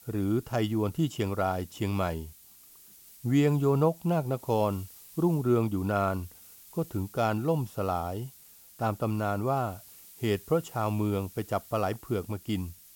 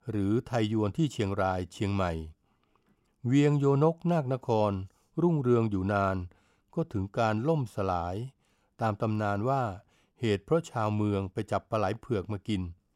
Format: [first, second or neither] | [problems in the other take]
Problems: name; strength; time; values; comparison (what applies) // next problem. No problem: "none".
second | hiss; faint; throughout; 20 dB below the speech